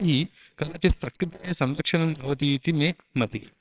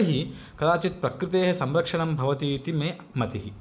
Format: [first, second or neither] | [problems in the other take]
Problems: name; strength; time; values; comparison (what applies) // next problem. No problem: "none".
second | noise reduction (neural separator model SepFormer WHAMR!)